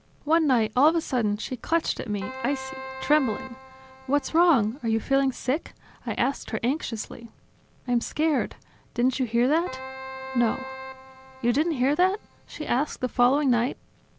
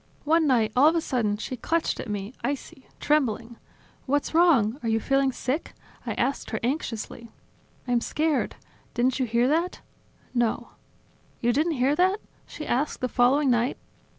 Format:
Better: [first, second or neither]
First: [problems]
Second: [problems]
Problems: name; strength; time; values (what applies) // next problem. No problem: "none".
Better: second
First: background sound (Keyboard (musical)); 13 dB below the speech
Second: none